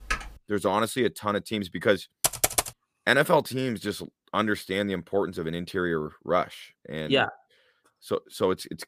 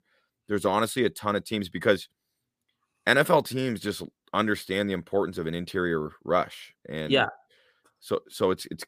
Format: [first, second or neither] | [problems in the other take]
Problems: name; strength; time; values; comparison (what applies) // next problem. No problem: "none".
second | keyboard typing; noticeable; at the start; peak 5 dB below the speech // keyboard typing; loud; at 2 s; peak 4 dB above the speech